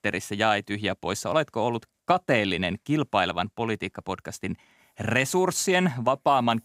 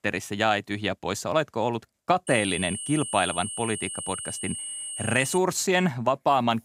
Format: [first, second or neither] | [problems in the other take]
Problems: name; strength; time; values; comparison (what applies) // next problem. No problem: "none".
first | high-pitched whine; loud; from 2.5 to 5.5 s; 8.5 kHz, 6 dB below the speech